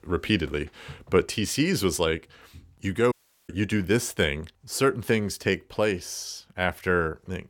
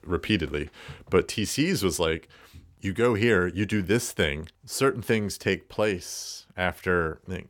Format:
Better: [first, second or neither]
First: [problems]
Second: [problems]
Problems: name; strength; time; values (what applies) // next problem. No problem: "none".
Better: second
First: audio cutting out; at 3 s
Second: none